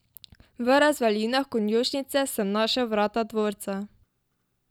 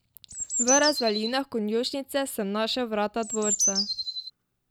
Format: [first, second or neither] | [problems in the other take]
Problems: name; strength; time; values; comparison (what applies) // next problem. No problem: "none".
first | background sound (Bird); as loud as the speech